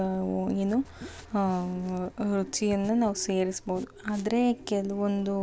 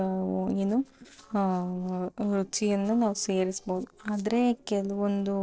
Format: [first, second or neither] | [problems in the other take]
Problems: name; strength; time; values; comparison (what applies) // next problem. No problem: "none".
first | noise reduction (neural separator model SepFormer DNS4)